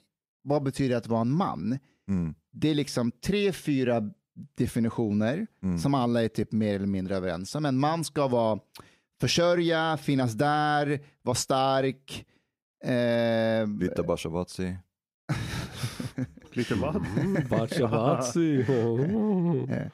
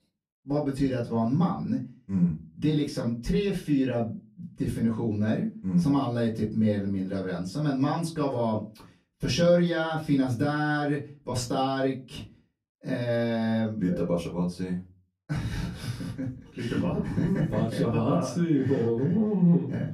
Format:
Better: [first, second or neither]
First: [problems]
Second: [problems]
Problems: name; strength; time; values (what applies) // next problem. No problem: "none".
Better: first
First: none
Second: off-mic speech; far // room echo; very slight; dies away in 0.3 s